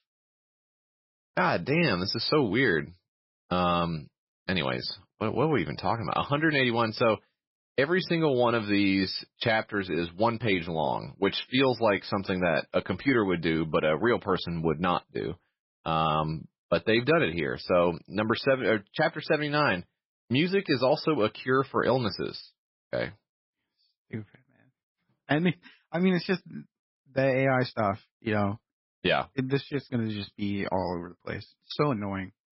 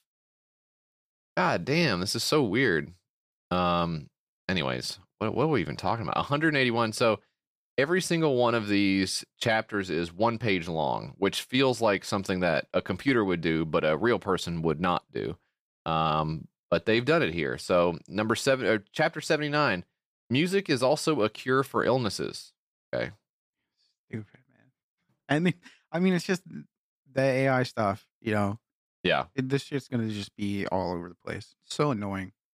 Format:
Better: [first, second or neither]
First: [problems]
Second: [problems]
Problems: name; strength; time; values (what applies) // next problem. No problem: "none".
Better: second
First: garbled, watery; badly; nothing above 5.5 kHz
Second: none